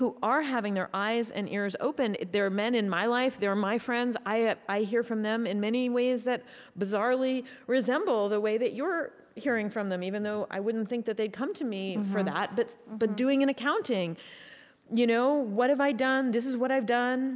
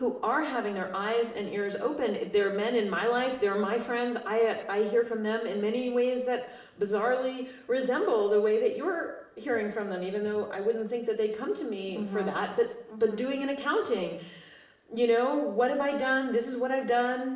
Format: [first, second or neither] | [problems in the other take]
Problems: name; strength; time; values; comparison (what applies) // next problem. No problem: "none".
first | room echo; dies away in 0.7 s